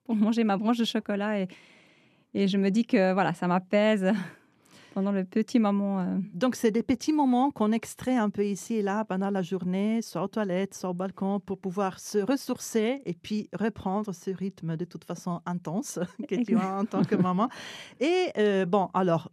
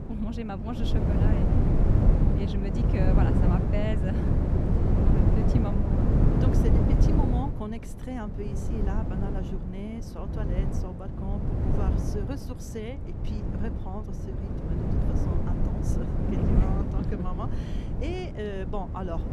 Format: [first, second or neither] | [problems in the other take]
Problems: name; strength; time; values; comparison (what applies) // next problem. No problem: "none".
first | wind noise on the microphone; heavy; 3 dB above the speech